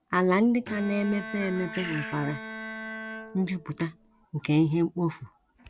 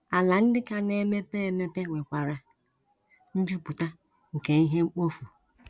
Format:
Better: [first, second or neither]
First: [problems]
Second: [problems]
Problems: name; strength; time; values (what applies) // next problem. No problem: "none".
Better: second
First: background sound (Bird + Bowed string instrument); 11 dB below the speech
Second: none